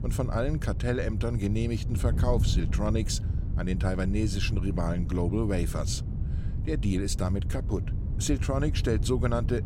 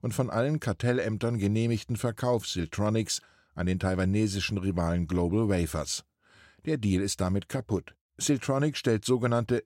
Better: second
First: wind noise on the microphone; occasional gusts; 10 dB below the speech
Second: none

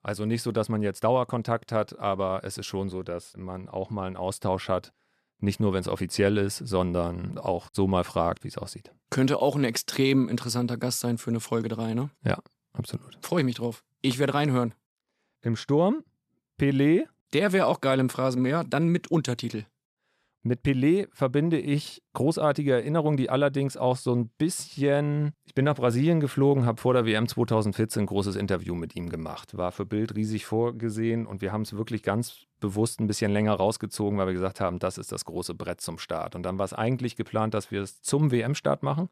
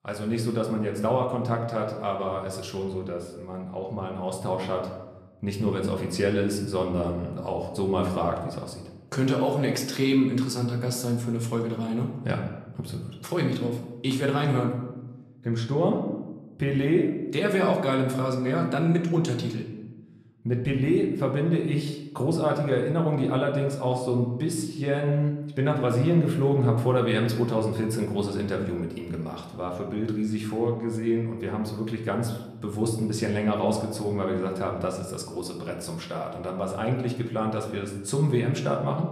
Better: first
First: none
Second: room echo; slight; dies away in 0.9 s // off-mic speech; somewhat distant

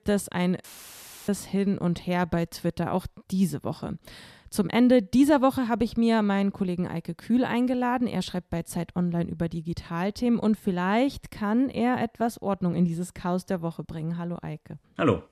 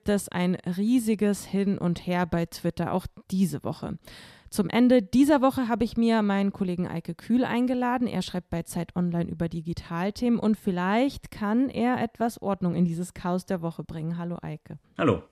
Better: second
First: audio cutting out; filled with static; at 0.5 s for 0.5 s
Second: none

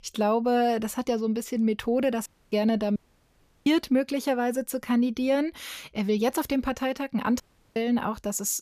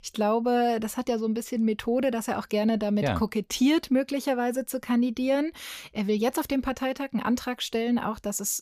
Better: second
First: audio cutting out; at 2.5 s, at 3 s for 0.5 s and at 7.5 s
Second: none

